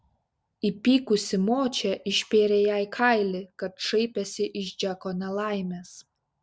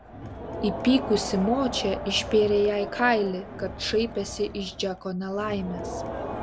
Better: first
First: none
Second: background sound (Crowd); 9 dB below the speech

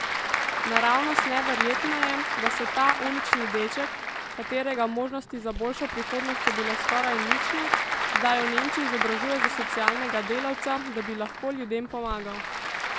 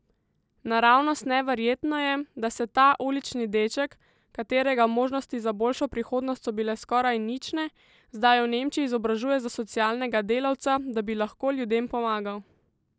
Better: second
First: background sound (Applause / Crowd); 1 dB above the speech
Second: none

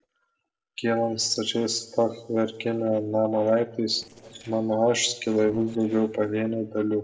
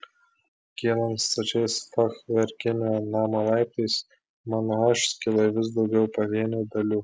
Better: second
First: noise reduction (neural separator model SepFormer DNS4)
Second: none

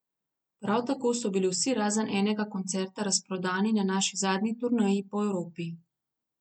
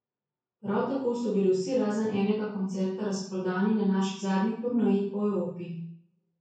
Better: first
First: none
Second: room echo; dies away in 0.6 s

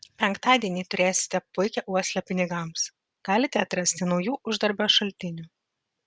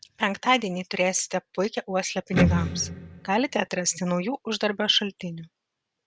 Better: first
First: none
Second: background sound (Electric guitar); 1 dB above the speech

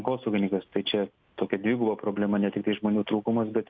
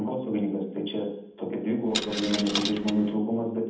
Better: first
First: none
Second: background sound (Coin (dropping)); 5 dB below the speech // room echo; dies away in 0.8 s

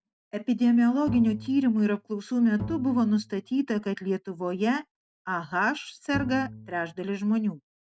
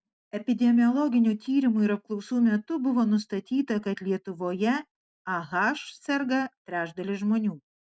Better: second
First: background sound (Bowed string instrument); 13 dB below the speech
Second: none

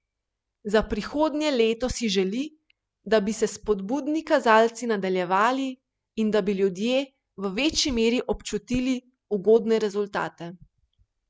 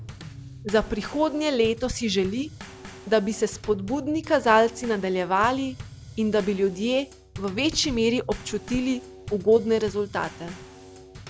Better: first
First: none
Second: background sound (Bass drum / Snare drum / Drum kit); 16 dB below the speech

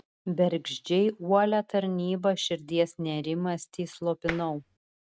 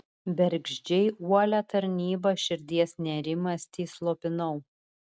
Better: second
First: background sound (Tap); 10 dB below the speech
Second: none

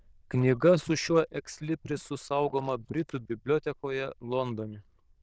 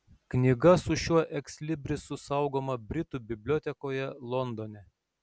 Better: second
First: noise reduction (neural diffusion model UNIVERSE++)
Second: none

